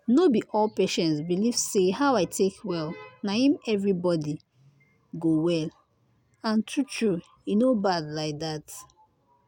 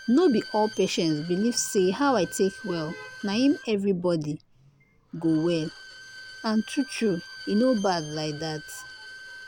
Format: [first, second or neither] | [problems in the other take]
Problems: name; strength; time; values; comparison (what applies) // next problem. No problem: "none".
first | background sound (Bowed string instrument); 17 dB below the speech